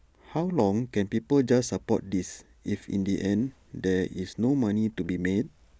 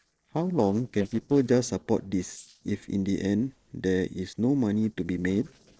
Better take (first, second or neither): first